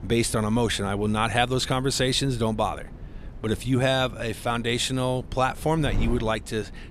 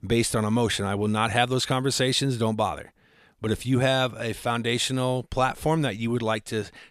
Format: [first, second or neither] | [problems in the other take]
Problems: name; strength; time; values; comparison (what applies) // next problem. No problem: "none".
second | wind noise on the microphone; occasional gusts; 20 dB below the speech